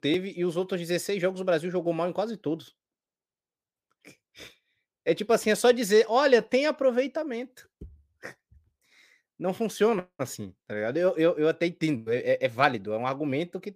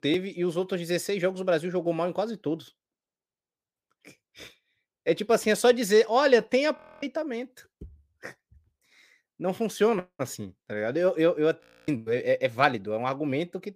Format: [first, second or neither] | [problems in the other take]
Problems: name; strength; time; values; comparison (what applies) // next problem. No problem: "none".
first | audio freezing; at 7 s and at 12 s